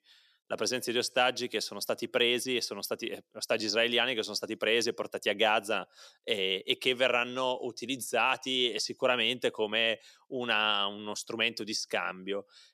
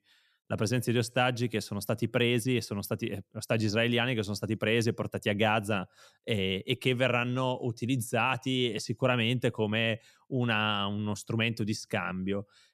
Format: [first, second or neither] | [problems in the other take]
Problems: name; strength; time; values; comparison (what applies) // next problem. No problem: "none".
second | thin; somewhat; fading below 400 Hz